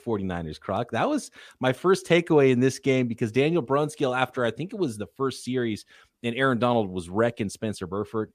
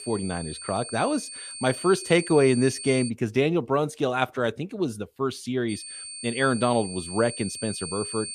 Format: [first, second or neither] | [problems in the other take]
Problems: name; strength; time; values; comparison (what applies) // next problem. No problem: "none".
first | high-pitched whine; loud; until 3 s and from 5.5 s on; 8.5 kHz, 9 dB below the speech